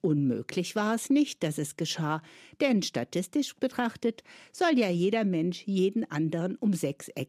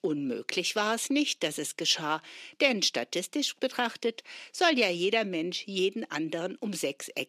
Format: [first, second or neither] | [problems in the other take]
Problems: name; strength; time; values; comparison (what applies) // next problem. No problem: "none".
first | thin; somewhat; fading below 350 Hz